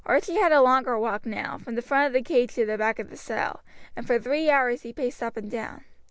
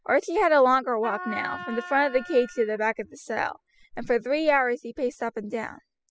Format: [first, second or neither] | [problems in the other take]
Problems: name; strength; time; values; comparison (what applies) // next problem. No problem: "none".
first | noise reduction (classical method spectral subtraction)